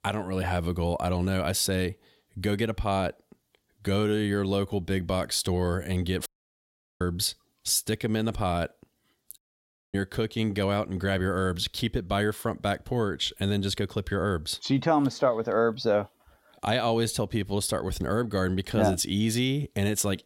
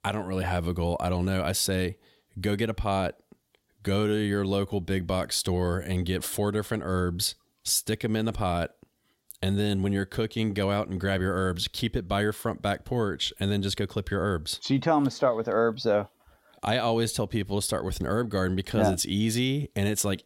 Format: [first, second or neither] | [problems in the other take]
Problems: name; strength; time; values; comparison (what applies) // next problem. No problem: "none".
second | audio cutting out; at 6.5 s for 0.5 s and at 9.5 s for 0.5 s